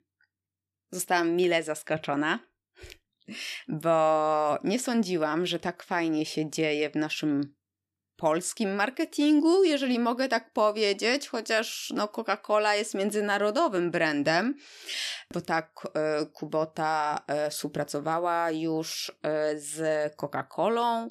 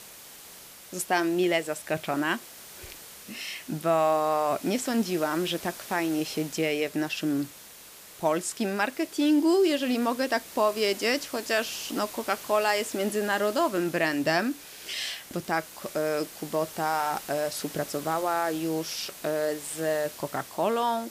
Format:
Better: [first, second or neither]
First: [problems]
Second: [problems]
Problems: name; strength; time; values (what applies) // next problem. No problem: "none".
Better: first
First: none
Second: hiss; noticeable; throughout; 15 dB below the speech